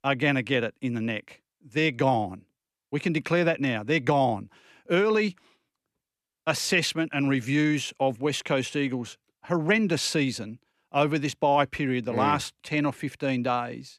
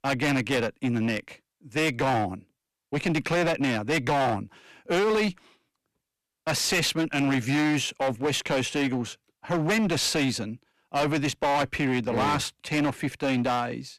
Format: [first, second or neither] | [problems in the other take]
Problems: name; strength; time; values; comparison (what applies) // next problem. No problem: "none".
first | distortion; heavy; 16% of the sound clipped